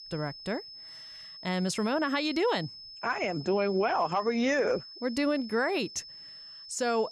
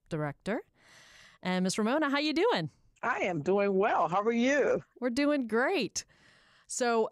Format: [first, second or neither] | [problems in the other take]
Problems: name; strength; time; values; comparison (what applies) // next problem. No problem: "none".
second | high-pitched whine; noticeable; throughout; 5 kHz, 15 dB below the speech